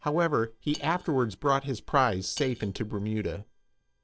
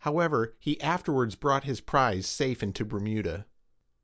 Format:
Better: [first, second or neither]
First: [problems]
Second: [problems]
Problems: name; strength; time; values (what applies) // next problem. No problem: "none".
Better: second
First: noise reduction (neural separator model SepFormer DNS4)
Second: none